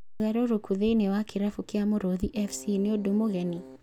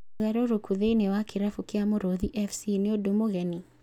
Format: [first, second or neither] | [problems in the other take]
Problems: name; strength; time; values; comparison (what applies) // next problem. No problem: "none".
second | background sound (Keyboard (musical)); 18 dB below the speech